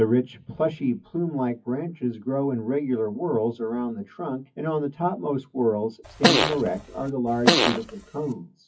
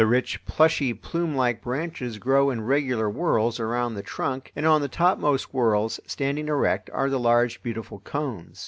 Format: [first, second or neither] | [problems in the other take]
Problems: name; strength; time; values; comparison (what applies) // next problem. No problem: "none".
second | noise reduction (classical method WPE with log-MMSE)